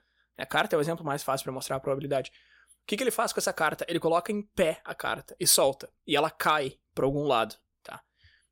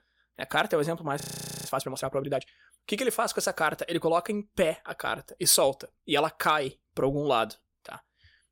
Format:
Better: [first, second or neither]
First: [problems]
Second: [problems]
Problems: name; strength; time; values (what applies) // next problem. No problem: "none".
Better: first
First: none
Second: audio freezing; at 1 s